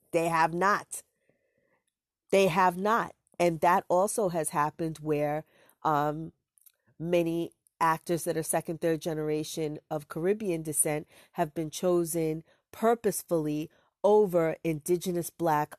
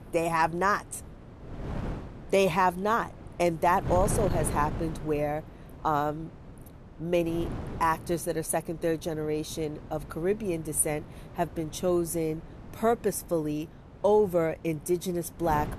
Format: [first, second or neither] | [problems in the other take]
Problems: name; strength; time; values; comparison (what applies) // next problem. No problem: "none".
first | wind noise on the microphone; occasional gusts; 15 dB below the speech